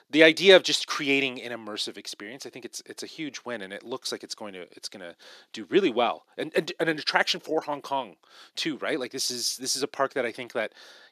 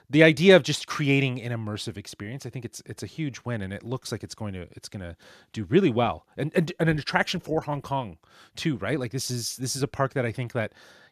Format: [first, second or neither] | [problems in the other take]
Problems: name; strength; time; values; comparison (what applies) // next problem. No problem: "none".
second | thin; somewhat; fading below 300 Hz